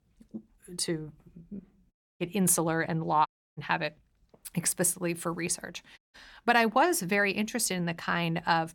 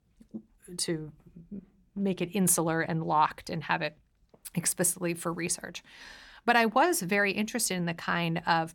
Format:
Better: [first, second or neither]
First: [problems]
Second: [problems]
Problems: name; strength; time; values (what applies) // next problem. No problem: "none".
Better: second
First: audio cutting out; at 2 s, at 3.5 s and at 6 s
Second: none